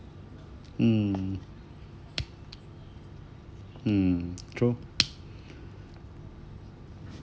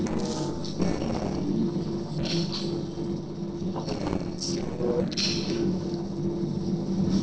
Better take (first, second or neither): first